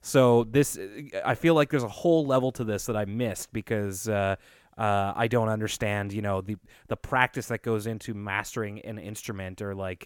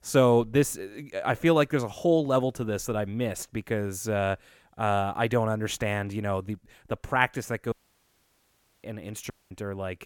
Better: first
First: none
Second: audio cutting out; at 7.5 s for 1 s and at 9.5 s

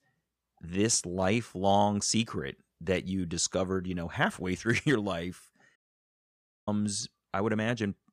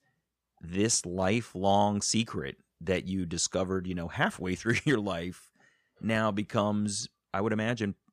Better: second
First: audio cutting out; at 6 s for 1 s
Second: none

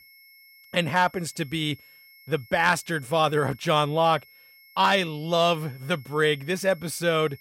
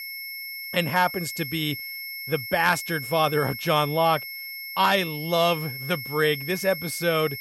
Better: first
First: high-pitched whine; faint; throughout; 2 kHz, 25 dB below the speech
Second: high-pitched whine; loud; throughout; 2 kHz, 8 dB below the speech

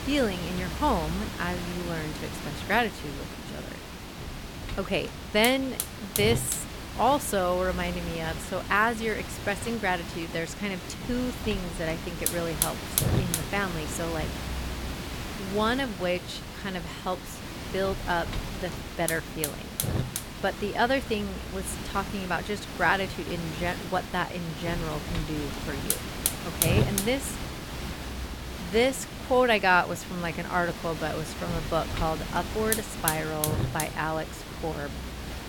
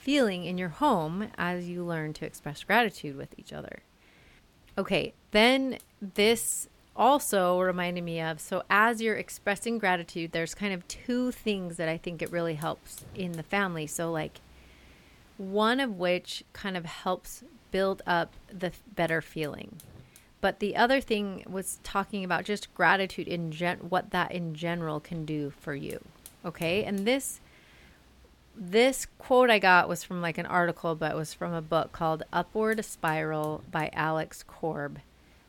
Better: second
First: hiss; loud; throughout; 4 dB below the speech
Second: hiss; faint; throughout; 25 dB below the speech

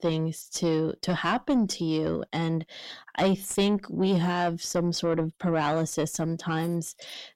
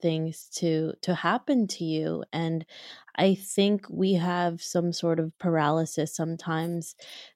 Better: second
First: distortion; slight; 9 dB below the speech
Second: none

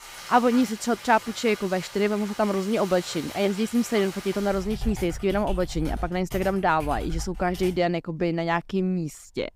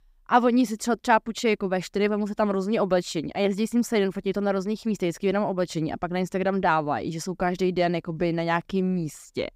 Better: second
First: household noises; noticeable; throughout; 15 dB below the speech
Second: none

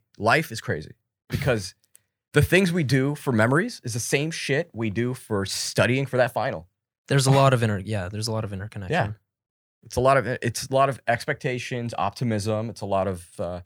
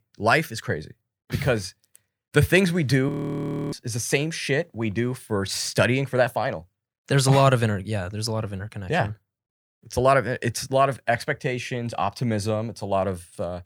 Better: first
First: none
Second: audio freezing; at 3 s for 0.5 s

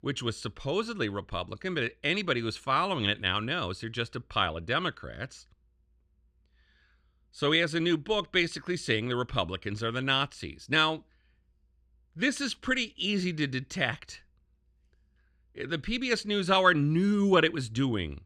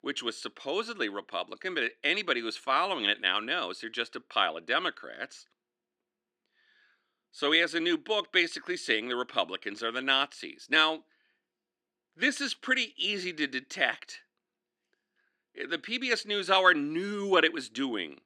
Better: first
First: none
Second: thin; somewhat; fading below 300 Hz

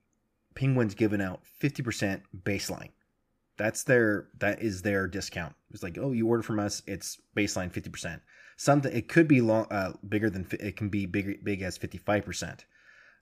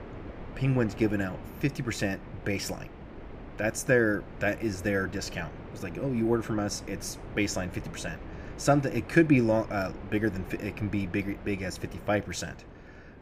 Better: first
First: none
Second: wind noise on the microphone; occasional gusts; 15 dB below the speech

